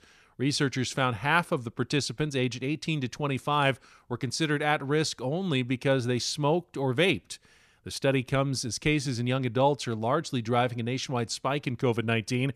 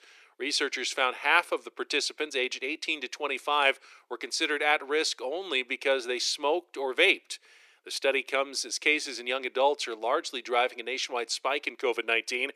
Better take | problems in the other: first | thin; very; fading below 350 Hz

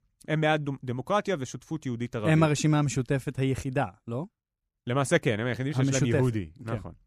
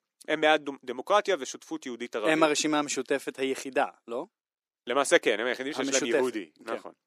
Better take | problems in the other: first | thin; somewhat; fading below 300 Hz

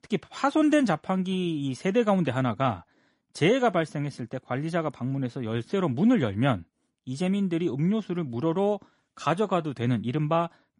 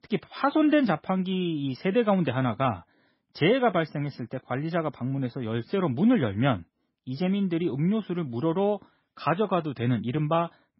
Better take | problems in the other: first | garbled, watery; badly; nothing above 5.5 kHz; slightly in the first

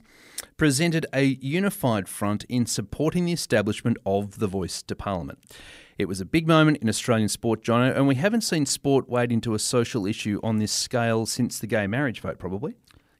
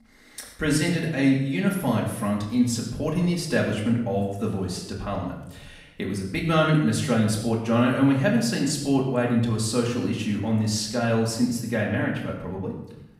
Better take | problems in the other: first | off-mic speech; far // room echo; noticeable; dies away in 0.7 s

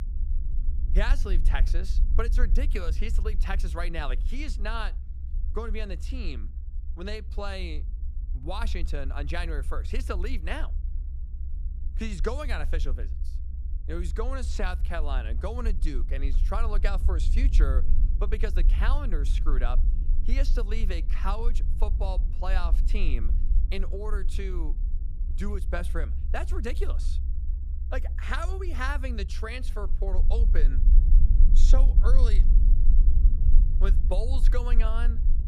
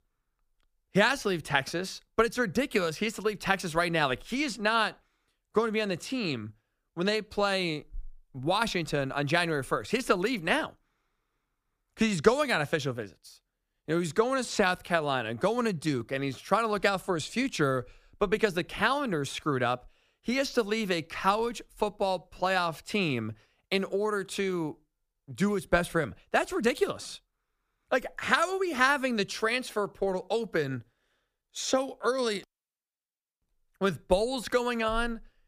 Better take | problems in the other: second | low rumble; noticeable; throughout; 15 dB below the speech

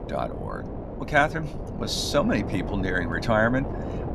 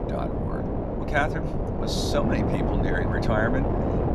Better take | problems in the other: first | wind noise on the microphone; heavy; 2 dB below the speech; occasional gusts in the first

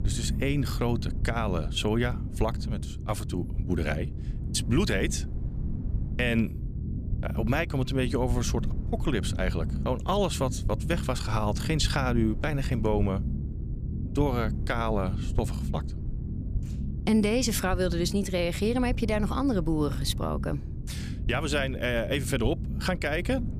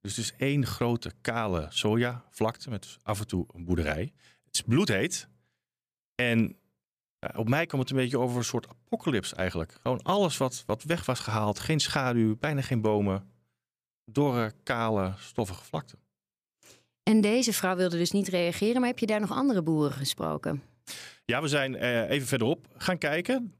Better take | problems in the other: second | low rumble; noticeable; throughout; 15 dB below the speech

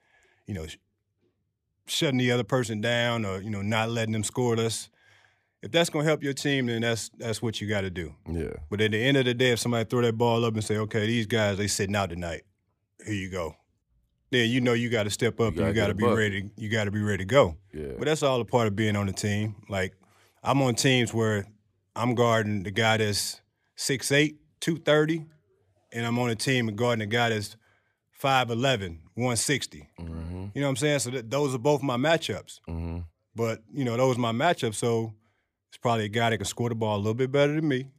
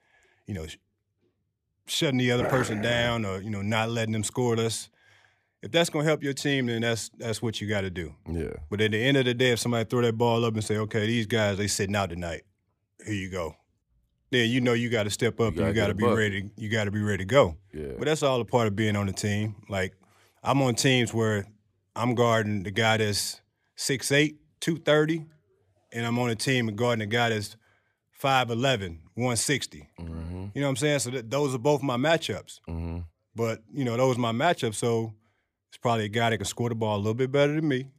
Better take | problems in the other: first | dog barking; noticeable; at 2.5 s; peak 4 dB below the speech

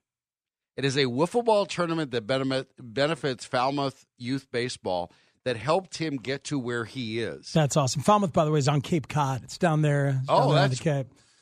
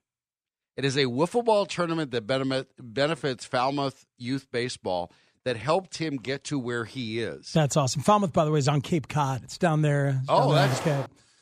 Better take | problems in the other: first | footsteps; noticeable; at 11 s; peak 6 dB below the speech

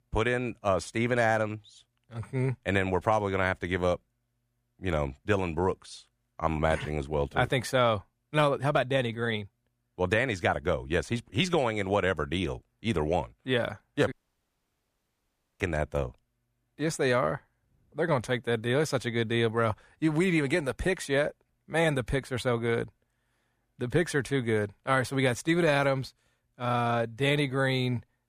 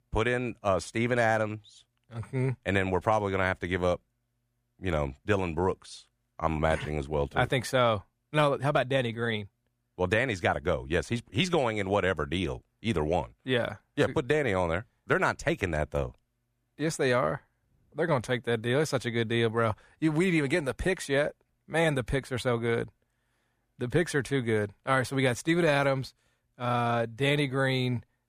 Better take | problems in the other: second | audio cutting out; at 14 s for 1.5 s

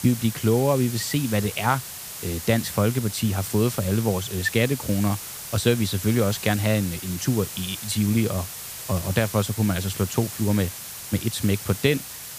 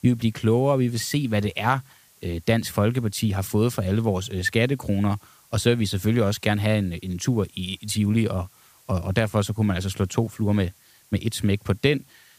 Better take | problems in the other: second | hiss; loud; throughout; 9 dB below the speech; faint in the second

